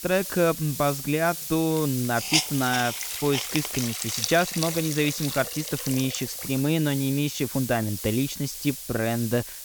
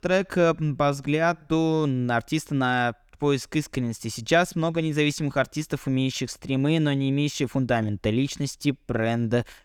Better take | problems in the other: second | hiss; loud; throughout; 4 dB below the speech

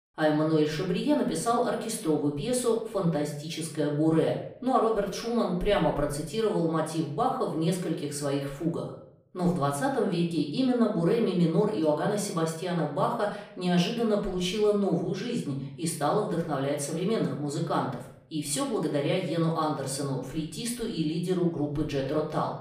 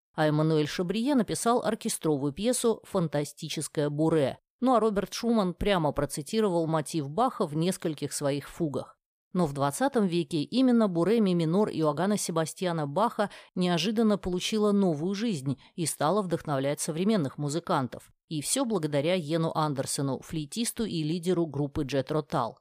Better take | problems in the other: second | off-mic speech; far // room echo; slight; dies away in 0.6 s

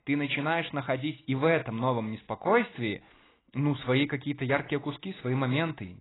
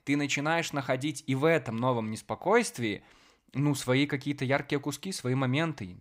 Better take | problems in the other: second | garbled, watery; badly; nothing above 4 kHz

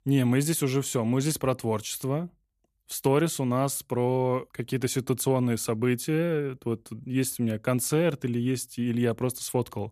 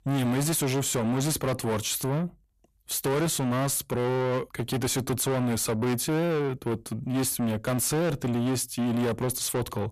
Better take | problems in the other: first | distortion; heavy; 6 dB below the speech

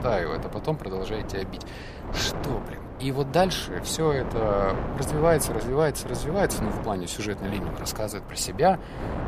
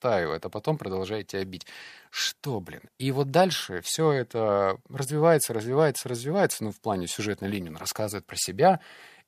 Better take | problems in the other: second | wind noise on the microphone; heavy; 9 dB below the speech

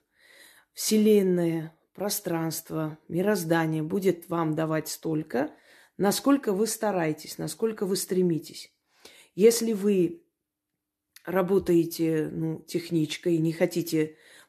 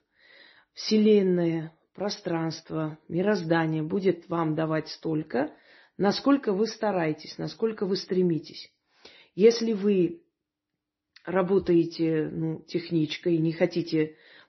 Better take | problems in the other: first | garbled, watery; slightly; nothing above 6 kHz

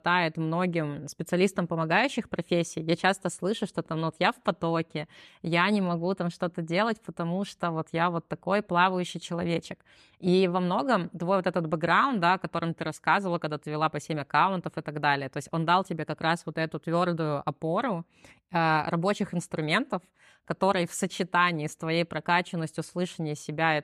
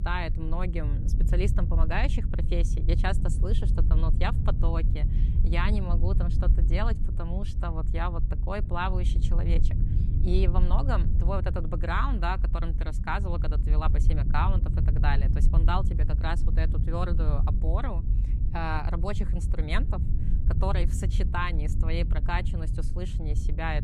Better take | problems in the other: first | low rumble; loud; throughout; 10 dB below the speech

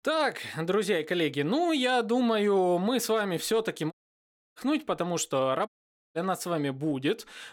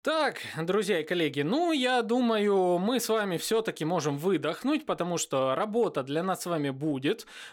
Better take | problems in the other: second | audio cutting out; at 4 s for 0.5 s and at 5.5 s

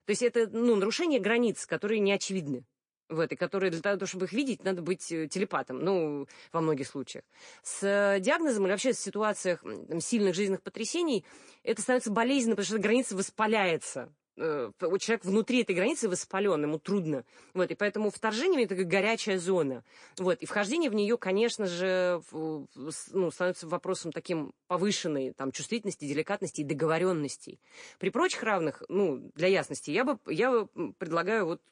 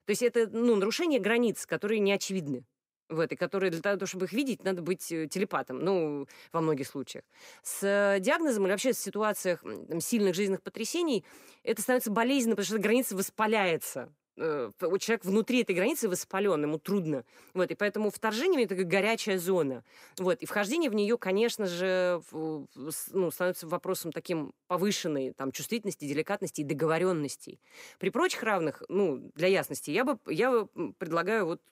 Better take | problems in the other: second | garbled, watery; slightly

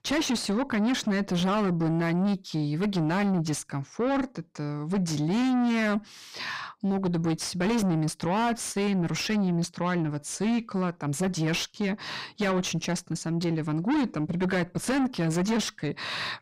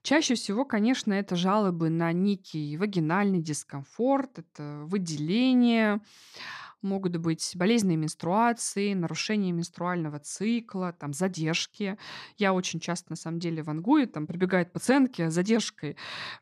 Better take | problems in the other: second | distortion; heavy; 6 dB below the speech

